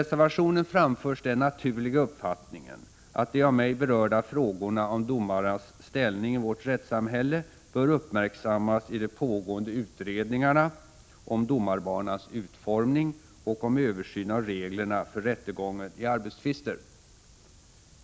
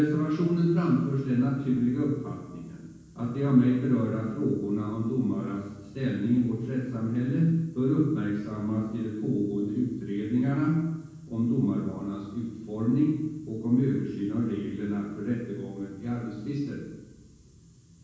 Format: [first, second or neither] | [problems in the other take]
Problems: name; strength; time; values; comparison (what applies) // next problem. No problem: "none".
first | room echo; dies away in 1.2 s